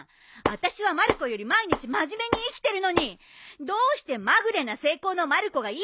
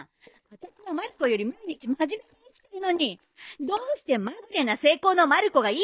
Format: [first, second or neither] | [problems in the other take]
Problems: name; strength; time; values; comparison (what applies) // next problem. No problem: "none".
first | noise reduction (neural mask model DeepFilterNet 3)